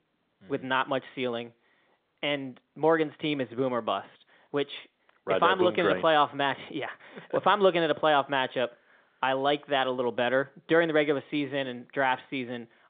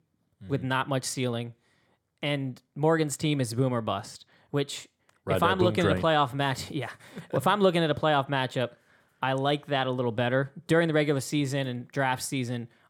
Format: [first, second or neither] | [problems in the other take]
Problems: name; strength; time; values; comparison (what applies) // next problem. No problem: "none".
second | phone-call audio